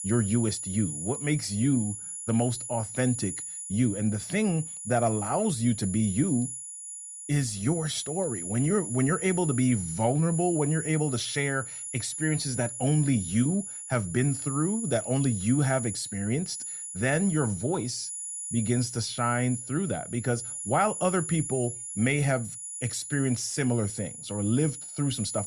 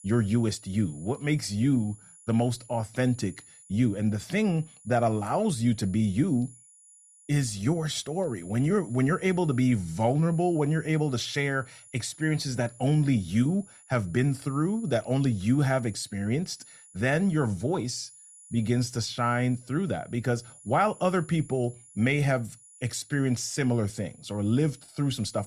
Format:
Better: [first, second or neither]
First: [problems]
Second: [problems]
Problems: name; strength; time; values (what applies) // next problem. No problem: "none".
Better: second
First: high-pitched whine; loud; throughout; 10.5 kHz, 6 dB below the speech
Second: high-pitched whine; faint; throughout; 10.5 kHz, 20 dB below the speech